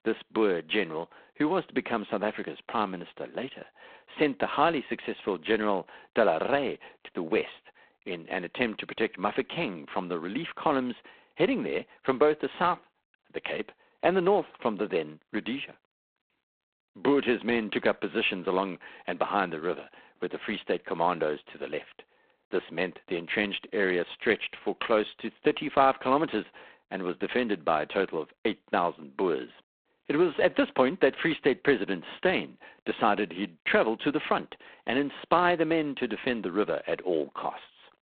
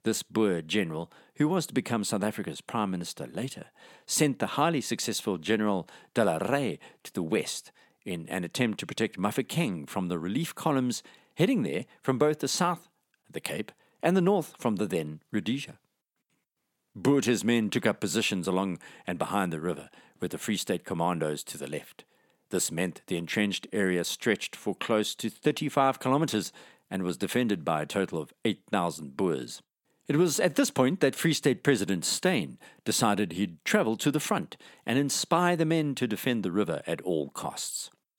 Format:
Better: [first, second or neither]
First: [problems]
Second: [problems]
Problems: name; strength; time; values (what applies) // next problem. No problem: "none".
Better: second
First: phone-call audio; poor line; nothing above 3.5 kHz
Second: none